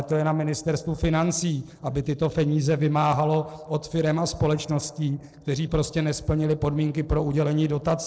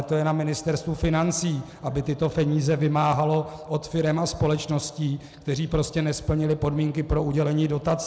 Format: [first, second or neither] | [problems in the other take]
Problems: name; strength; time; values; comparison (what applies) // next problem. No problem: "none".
second | noise reduction (neural separator model SepFormer DNS4)